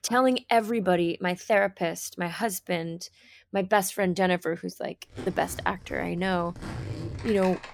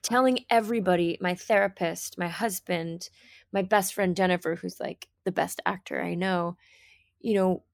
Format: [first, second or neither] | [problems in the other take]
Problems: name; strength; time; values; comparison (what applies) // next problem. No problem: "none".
second | household noises; noticeable; from 5 s on; 15 dB below the speech